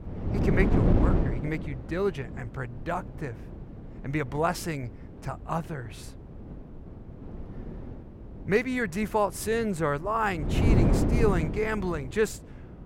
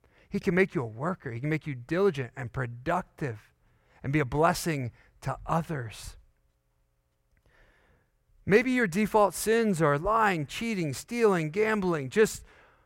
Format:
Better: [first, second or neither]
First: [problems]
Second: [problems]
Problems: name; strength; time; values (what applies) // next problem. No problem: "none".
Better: second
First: wind noise on the microphone; heavy; 4 dB below the speech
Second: none